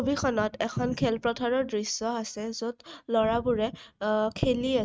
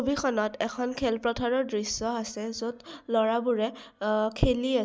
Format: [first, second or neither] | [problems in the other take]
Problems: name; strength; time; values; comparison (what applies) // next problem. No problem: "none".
second | noise reduction (neural mask model RNNoise)